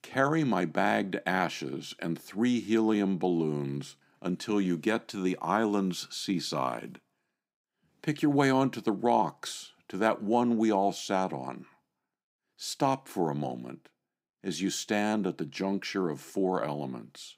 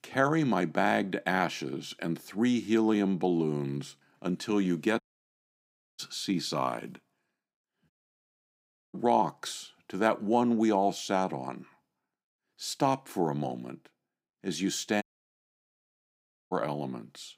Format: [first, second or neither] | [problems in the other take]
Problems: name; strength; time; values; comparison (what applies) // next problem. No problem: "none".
first | audio cutting out; at 5 s for 1 s, at 8 s for 1 s and at 15 s for 1.5 s